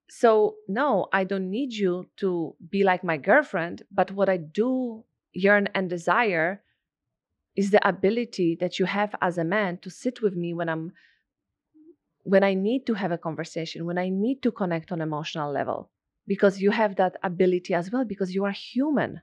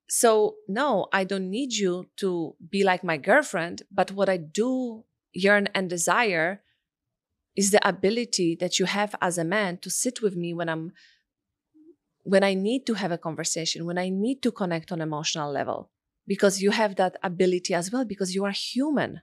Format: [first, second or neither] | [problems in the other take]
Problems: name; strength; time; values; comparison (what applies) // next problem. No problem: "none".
second | muffled; slightly; fading above 2.5 kHz